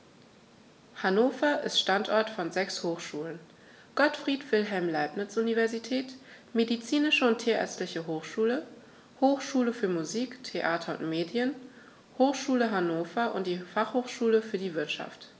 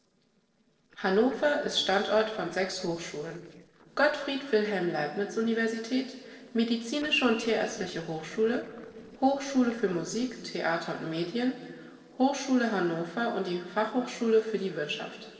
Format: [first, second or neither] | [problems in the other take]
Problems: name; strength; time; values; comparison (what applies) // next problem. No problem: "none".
first | noise reduction (neural separator model SepFormer DNS4)